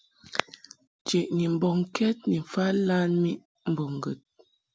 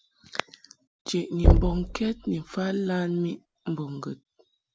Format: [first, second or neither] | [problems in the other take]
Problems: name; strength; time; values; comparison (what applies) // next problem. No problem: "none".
first | background sound (Knock / Wood); 4 dB above the speech